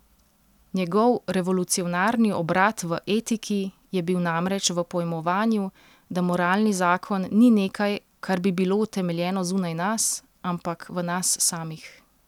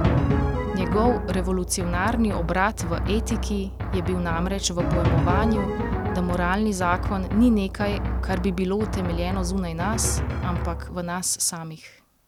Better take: first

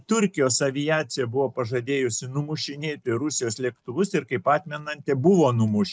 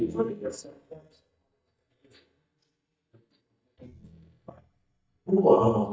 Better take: first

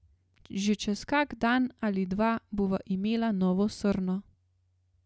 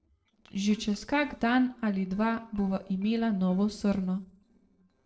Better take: first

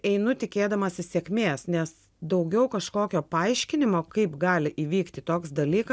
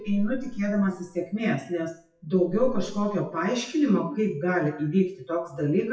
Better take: first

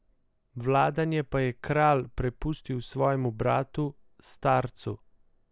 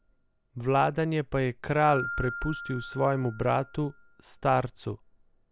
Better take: first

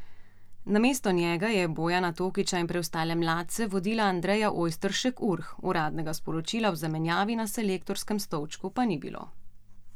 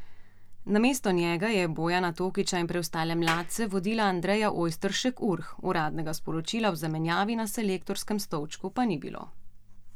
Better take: first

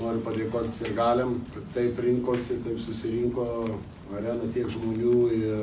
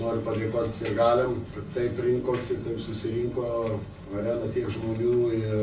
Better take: first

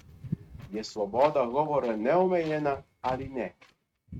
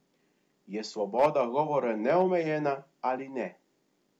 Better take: second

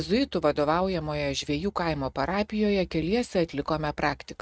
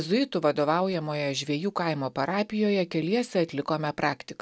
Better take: second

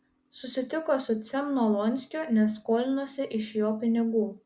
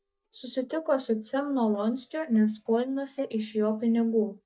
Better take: first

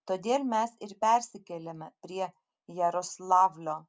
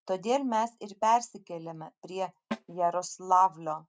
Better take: first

